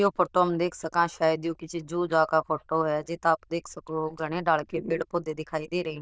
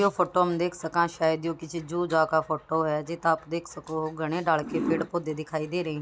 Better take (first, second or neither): second